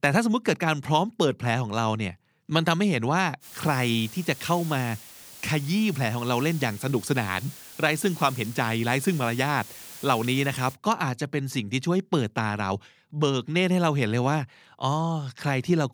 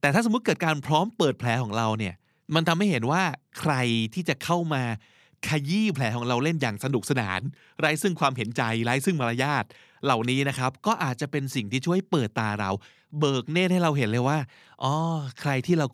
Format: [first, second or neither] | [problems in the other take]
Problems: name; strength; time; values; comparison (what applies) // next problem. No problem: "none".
second | hiss; noticeable; from 3.5 to 11 s; 15 dB below the speech